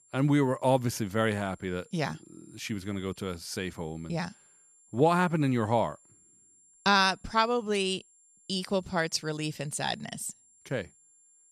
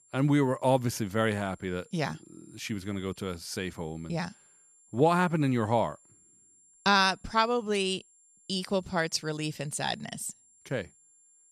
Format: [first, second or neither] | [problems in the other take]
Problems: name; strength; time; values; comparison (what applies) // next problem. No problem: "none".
neither | high-pitched whine; faint; throughout; 7.5 kHz, 30 dB below the speech; the same in both